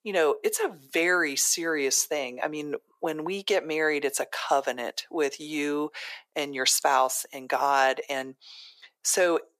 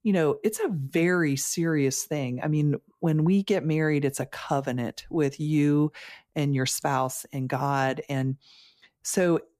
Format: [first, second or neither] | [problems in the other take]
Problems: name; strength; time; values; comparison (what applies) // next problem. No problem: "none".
second | thin; very; fading below 450 Hz